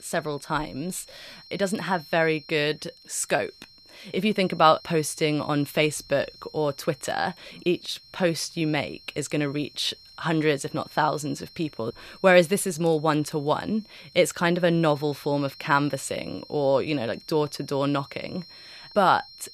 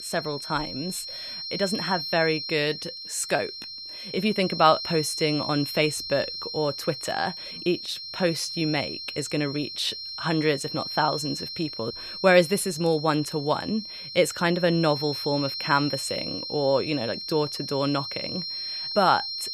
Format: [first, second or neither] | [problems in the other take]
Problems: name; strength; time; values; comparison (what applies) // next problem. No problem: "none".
first | high-pitched whine; loud; throughout; 4 kHz, 6 dB below the speech; faint in the first